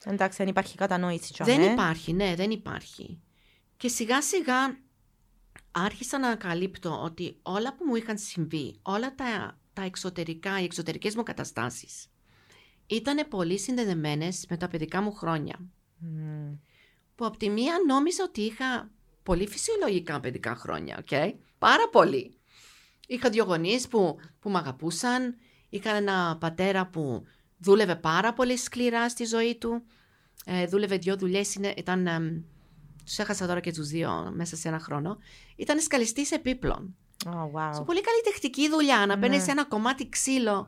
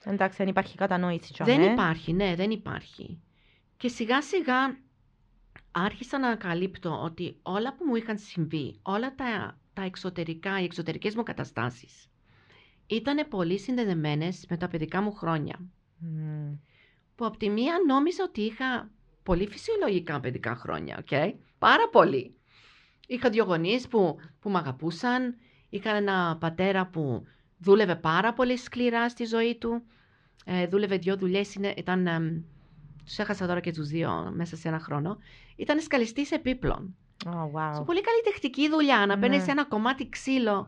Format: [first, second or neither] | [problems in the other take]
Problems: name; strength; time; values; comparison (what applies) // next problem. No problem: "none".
first | muffled; slightly; fading above 4 kHz